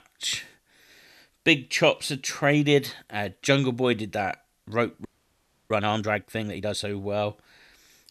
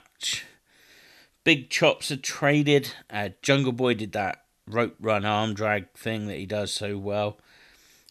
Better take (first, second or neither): second